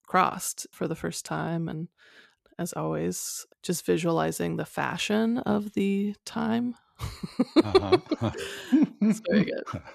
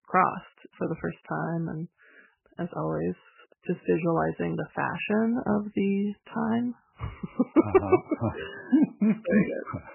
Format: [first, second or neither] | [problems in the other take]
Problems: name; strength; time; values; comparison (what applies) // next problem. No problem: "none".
first | garbled, watery; badly; nothing above 3 kHz